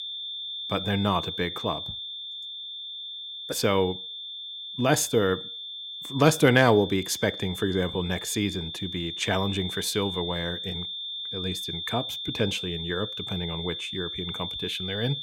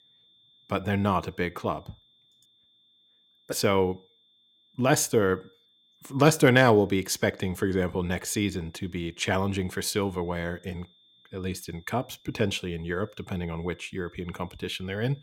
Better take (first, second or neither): second